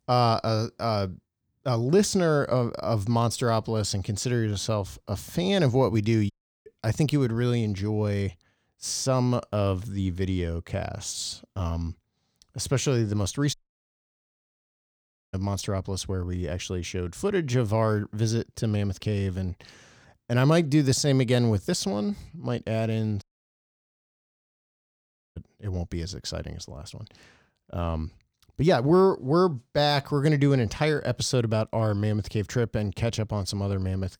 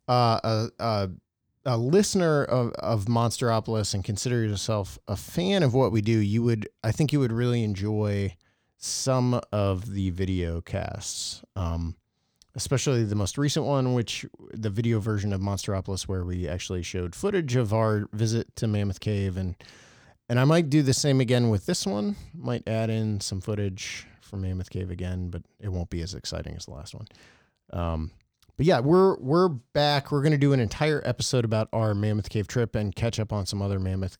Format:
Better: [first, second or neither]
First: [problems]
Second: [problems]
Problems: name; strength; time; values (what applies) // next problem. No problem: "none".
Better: second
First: audio cutting out; at 6.5 s, at 14 s for 2 s and at 23 s for 2 s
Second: none